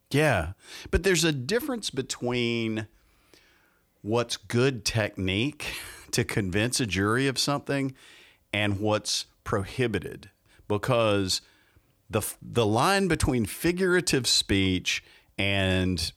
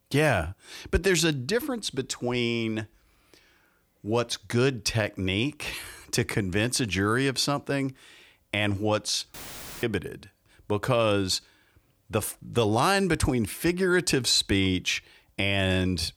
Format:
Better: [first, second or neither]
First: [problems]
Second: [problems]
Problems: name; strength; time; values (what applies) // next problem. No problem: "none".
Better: first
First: none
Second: audio cutting out; filled with static; at 9.5 s